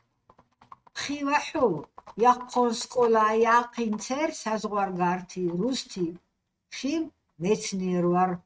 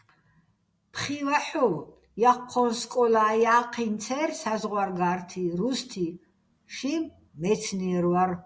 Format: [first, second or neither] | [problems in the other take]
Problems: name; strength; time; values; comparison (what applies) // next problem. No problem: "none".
second | noise reduction (neural mask model RNNoise)